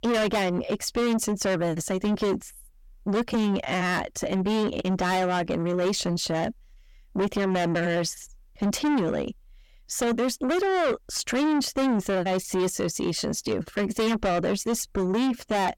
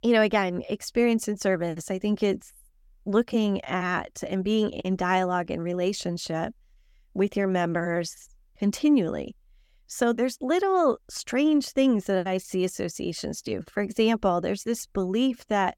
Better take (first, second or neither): second